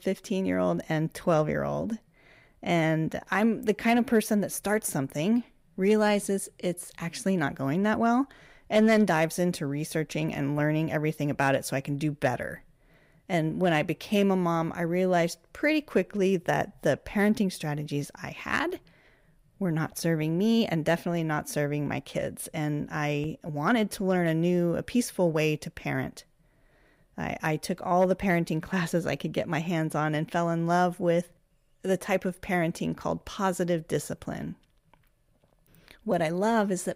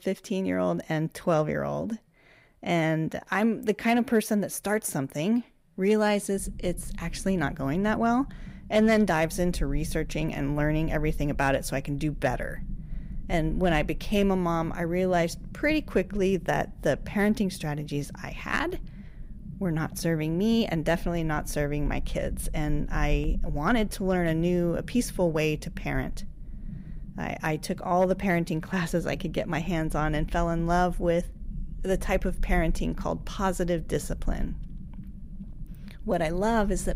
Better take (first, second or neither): first